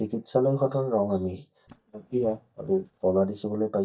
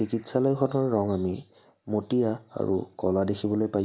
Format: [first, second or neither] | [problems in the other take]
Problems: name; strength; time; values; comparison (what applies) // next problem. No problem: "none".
second | noise reduction (neural mask model DeepFilterNet 3)